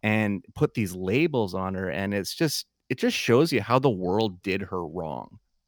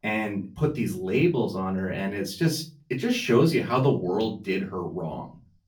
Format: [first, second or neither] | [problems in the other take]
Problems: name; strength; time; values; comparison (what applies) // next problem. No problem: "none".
first | off-mic speech; far // room echo; very slight; dies away in 0.3 s